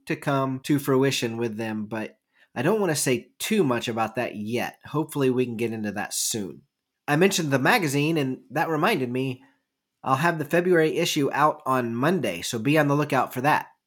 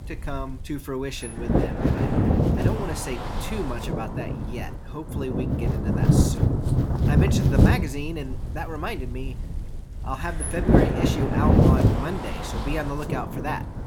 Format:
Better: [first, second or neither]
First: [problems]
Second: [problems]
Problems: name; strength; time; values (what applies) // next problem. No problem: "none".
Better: first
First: none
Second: wind noise on the microphone; heavy; 4 dB above the speech